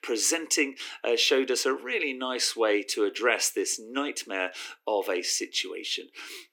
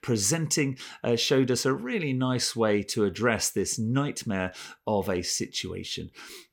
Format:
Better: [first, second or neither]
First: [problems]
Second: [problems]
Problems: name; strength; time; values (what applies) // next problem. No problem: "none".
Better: second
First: thin; somewhat; fading below 300 Hz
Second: none